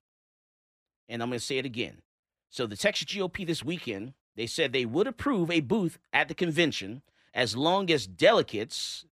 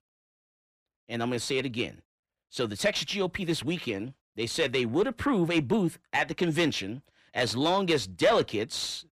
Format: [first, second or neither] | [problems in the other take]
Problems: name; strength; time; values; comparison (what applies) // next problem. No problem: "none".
first | distortion; slight; 10 dB below the speech